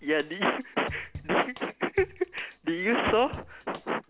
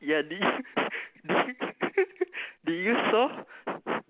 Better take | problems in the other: second | background sound (Drum kit); 17 dB below the speech

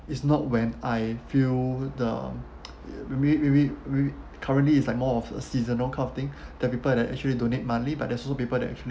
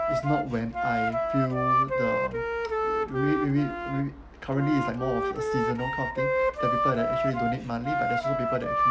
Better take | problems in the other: first | background sound (Wind instrument, woodwind instrument); 2 dB above the speech

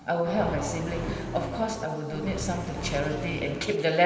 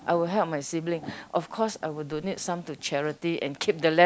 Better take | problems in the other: second | background sound (Accelerating, revving, vroom); 7 dB below the speech // room echo; dies away in 2.5 s

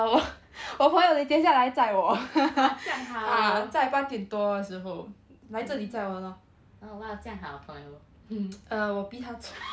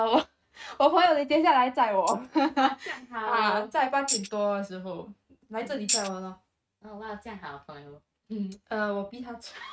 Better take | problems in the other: first | noise reduction (neural mask model RNNoise)

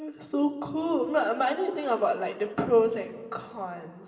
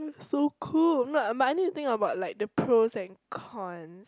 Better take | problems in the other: second | room echo; dies away in 2 s

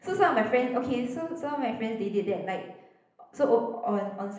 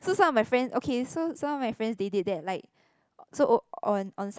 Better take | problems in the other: second | room echo; dies away in 0.8 s

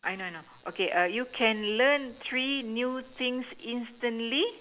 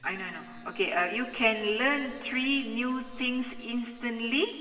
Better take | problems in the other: first | background sound (Wind instrument, woodwind instrument); 19 dB below the speech // room echo; dies away in 1.9 s

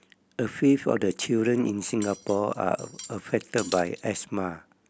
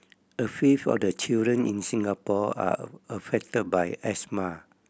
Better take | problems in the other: second | background sound (Cutlery, silverware); 18 dB below the speech

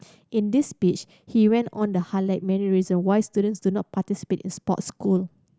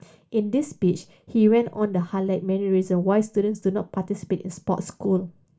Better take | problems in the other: first | room echo; dies away in 0.2 s

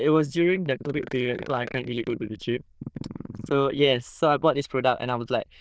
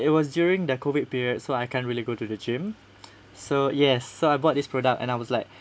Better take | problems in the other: second | noise reduction (neural diffusion model UNIVERSE++)

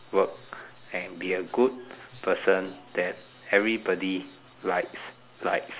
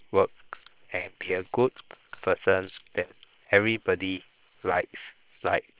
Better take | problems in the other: first | noise reduction (neural separator model SepFormer WHAM!)

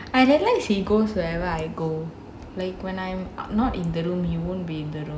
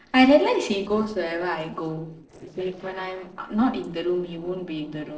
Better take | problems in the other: first | noise reduction (neural separator model SepFormer DNS4)

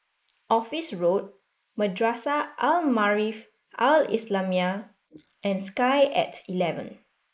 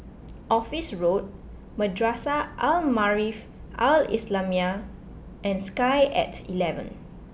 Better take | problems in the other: second | noise reduction (neural mask model Resemble Enhance denoiser)

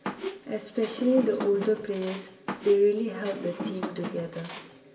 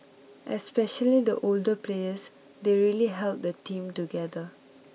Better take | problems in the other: second | background sound (Squeak); 9 dB below the speech // room echo; dies away in 0.7 s

